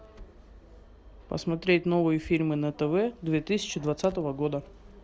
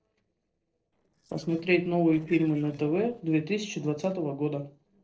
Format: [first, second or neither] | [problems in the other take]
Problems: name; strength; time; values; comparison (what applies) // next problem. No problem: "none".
first | noise reduction (neural separator model SepFormer DNS4)